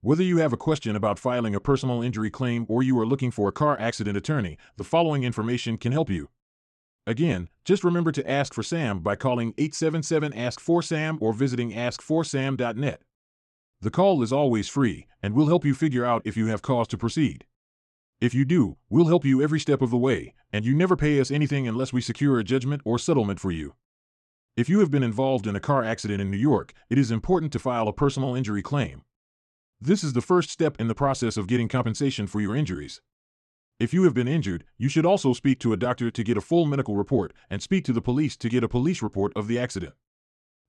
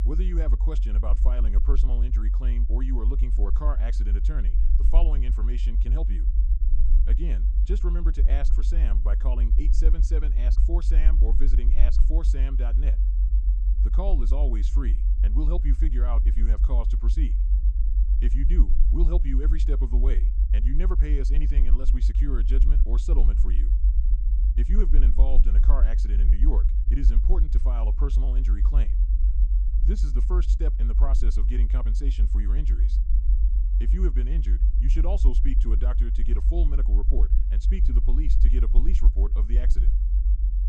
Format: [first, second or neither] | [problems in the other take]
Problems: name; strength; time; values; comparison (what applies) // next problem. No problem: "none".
first | low rumble; loud; throughout; 6 dB below the speech